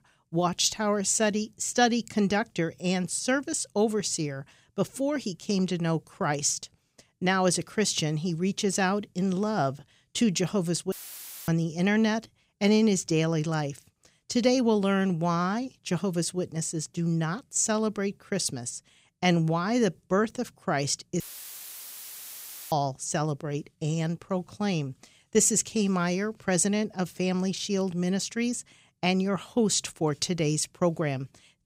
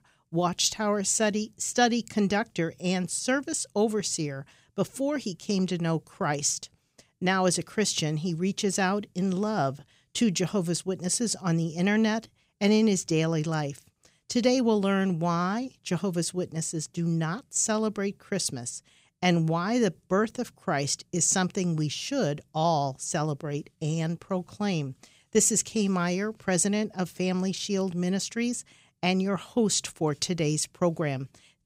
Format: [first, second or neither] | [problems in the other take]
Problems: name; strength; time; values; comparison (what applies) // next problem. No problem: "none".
second | audio cutting out; filled with static; at 11 s for 0.5 s and at 21 s for 1.5 s